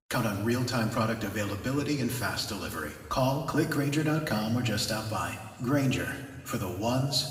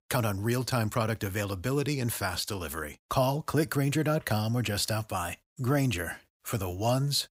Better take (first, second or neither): second